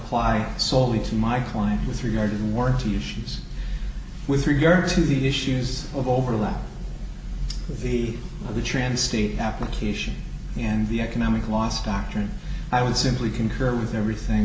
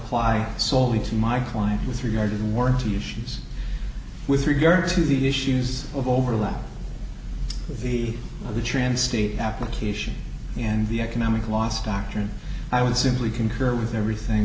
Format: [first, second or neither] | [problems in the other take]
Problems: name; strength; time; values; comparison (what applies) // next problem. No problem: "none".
second | room echo; dies away in 0.2 s